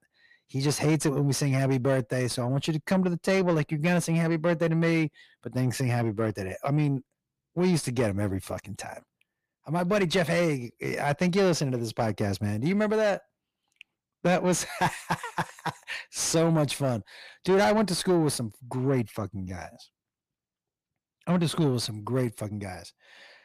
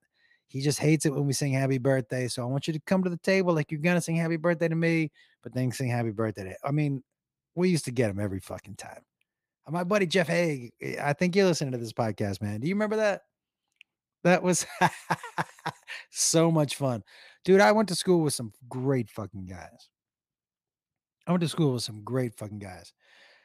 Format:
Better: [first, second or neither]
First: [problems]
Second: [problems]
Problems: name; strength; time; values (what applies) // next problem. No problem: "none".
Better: second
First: distortion; slight; 10 dB below the speech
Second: none